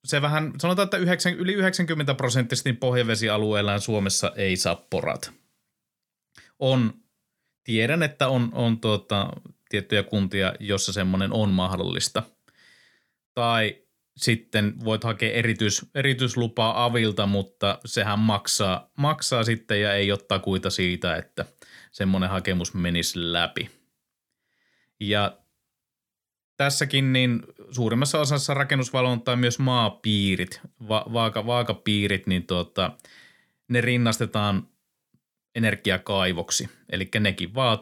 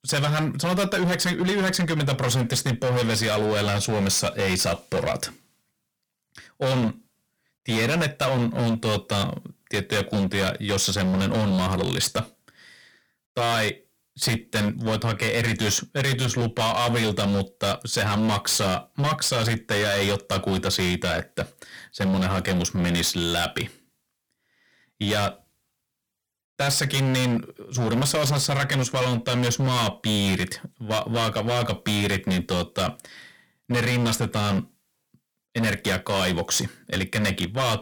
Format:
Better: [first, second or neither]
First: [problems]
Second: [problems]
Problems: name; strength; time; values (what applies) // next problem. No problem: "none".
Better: first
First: none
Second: distortion; heavy; 21% of the sound clipped